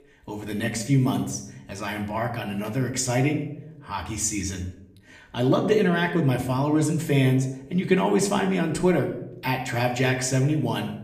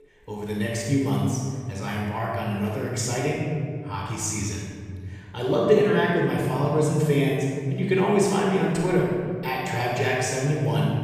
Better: first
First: room echo; slight; dies away in 0.6 s // off-mic speech; somewhat distant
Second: room echo; strong; dies away in 1.9 s // off-mic speech; far

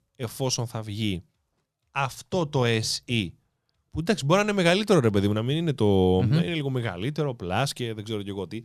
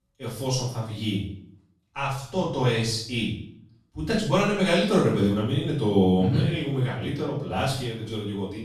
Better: first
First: none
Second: off-mic speech; far // room echo; noticeable; dies away in 0.5 s

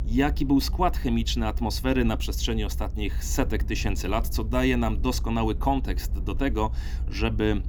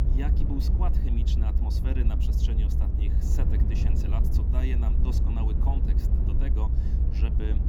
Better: first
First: low rumble; faint; throughout; 20 dB below the speech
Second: low rumble; loud; throughout; as loud as the speech

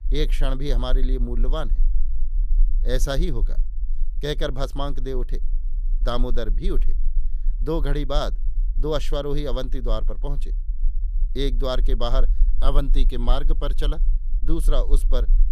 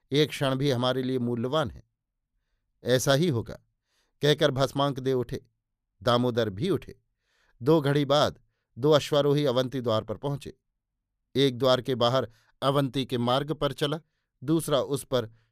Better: second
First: low rumble; faint; throughout; 25 dB below the speech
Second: none

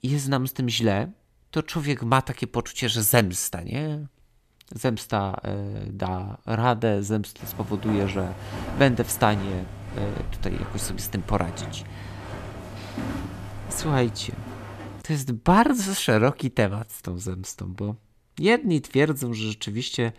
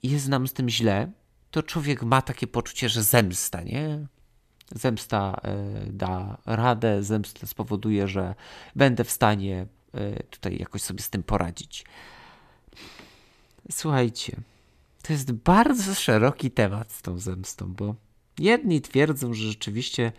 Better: second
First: footsteps; noticeable; from 7.5 to 15 s; peak 6 dB below the speech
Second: none

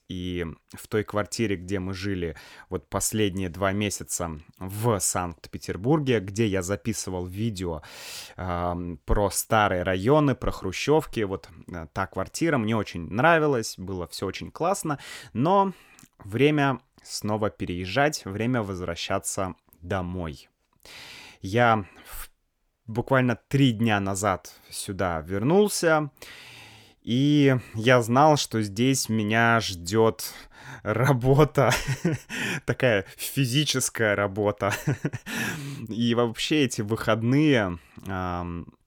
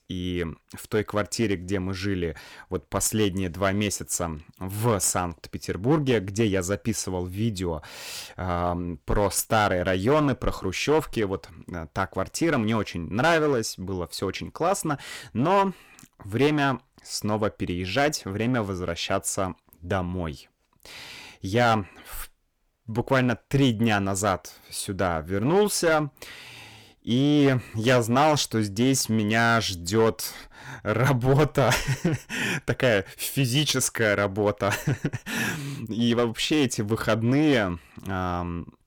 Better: first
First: none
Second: distortion; slight; 5% of the sound clipped

